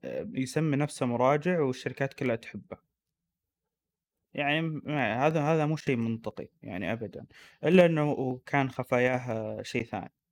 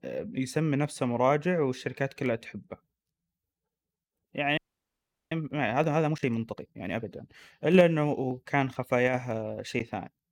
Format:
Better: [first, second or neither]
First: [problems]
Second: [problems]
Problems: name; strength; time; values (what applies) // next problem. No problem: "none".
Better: first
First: none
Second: audio freezing; at 4.5 s for 0.5 s